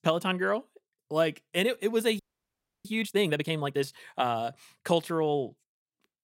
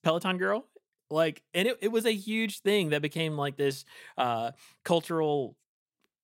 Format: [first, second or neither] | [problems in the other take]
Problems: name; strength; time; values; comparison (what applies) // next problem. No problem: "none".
second | audio freezing; at 2 s for 0.5 s